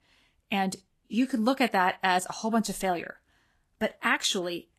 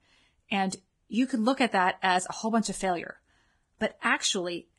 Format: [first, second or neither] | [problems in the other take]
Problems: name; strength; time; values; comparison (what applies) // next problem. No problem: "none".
first | garbled, watery; badly; slightly in the first